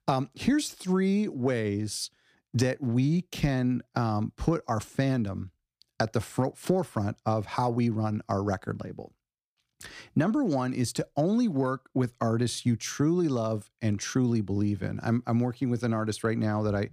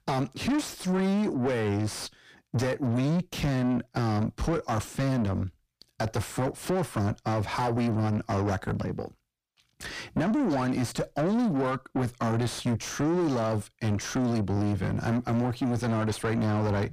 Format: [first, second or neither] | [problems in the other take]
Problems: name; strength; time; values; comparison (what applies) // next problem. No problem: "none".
first | distortion; heavy; 6 dB below the speech